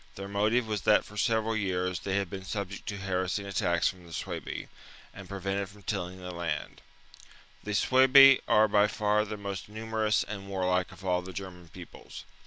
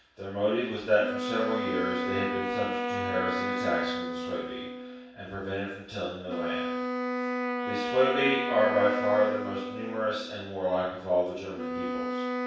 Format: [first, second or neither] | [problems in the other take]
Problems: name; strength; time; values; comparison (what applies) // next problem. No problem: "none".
first | background sound (Wind instrument, woodwind instrument); 3 dB below the speech // room echo; dies away in 0.7 s